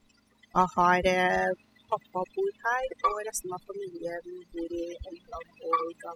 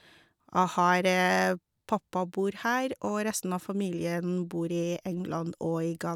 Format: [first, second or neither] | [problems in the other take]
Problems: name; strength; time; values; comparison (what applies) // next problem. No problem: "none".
second | noise reduction (classical method spectral subtraction)